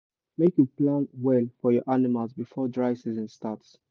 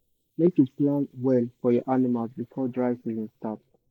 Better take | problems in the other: first | noise reduction (neural mask model Resemble Enhance denoiser)

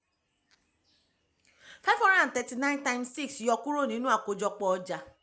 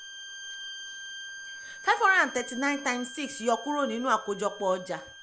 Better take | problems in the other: first | background sound (Bowed string instrument); 13 dB below the speech

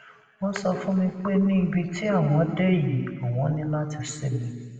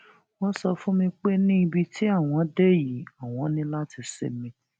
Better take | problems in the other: second | room echo; dies away in 1.7 s

